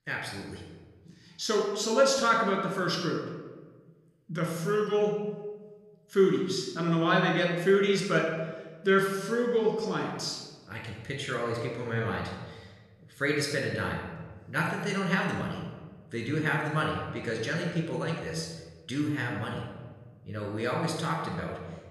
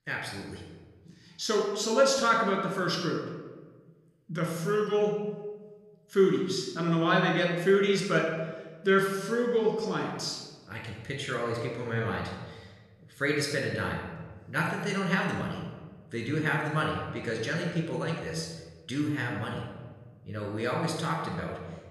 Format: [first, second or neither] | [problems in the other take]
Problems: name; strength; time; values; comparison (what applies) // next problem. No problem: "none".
neither | off-mic speech; somewhat distant; the same in both // room echo; noticeable; dies away in 1.1 s; the same in both